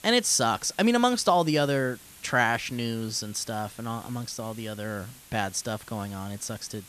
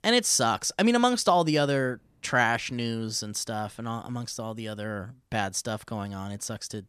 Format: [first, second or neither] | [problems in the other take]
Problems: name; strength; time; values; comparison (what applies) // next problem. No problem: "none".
second | hiss; faint; throughout; 20 dB below the speech